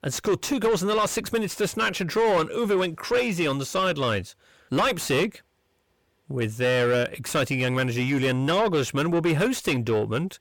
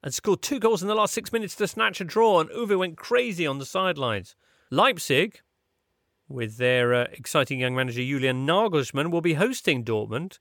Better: second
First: distortion; heavy; 8 dB below the speech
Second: none

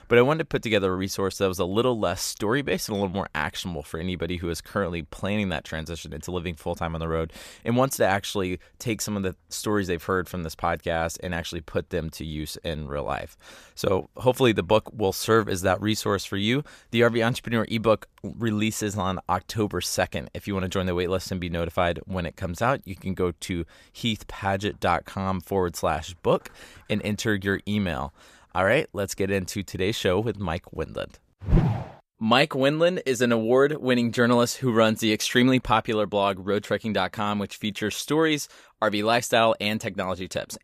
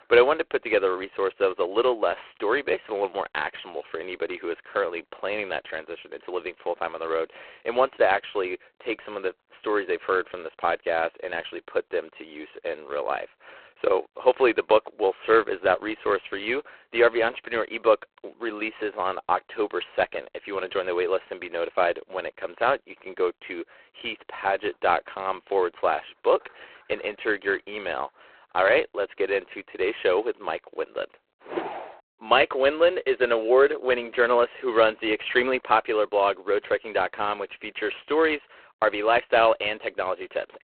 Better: first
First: none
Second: phone-call audio; poor line

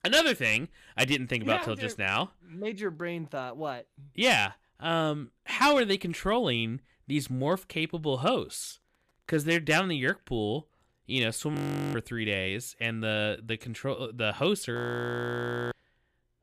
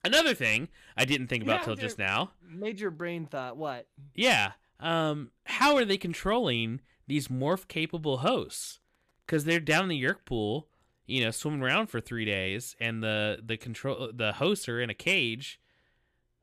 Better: second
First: audio freezing; at 12 s and at 15 s for 1 s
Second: none

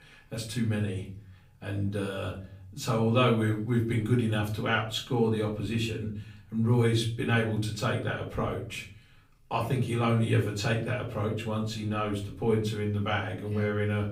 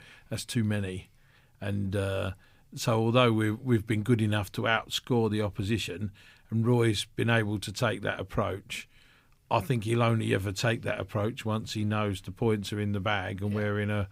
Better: second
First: off-mic speech; far // room echo; slight; dies away in 0.4 s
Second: none

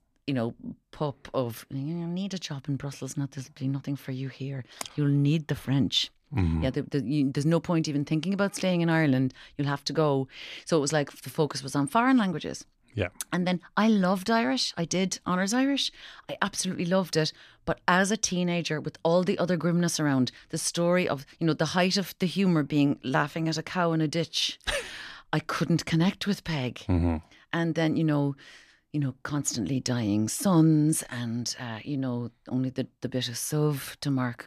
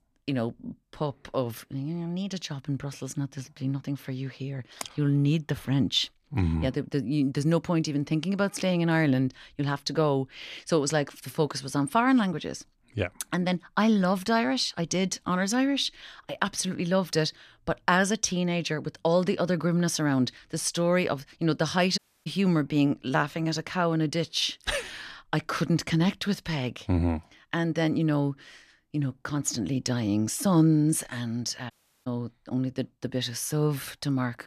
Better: first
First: none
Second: audio cutting out; at 22 s and at 32 s

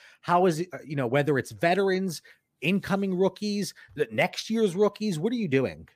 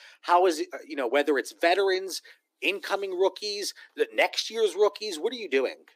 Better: first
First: none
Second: thin; very; fading below 300 Hz

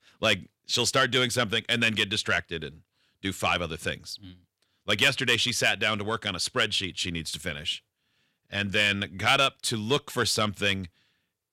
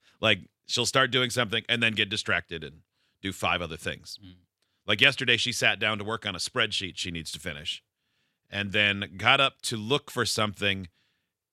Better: second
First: distortion; slight; 10 dB below the speech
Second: none

